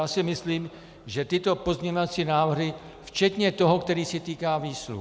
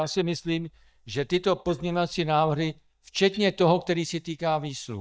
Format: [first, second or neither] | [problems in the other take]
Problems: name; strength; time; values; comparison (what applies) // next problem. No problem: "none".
first | noise reduction (neural mask model DeepFilterNet 3)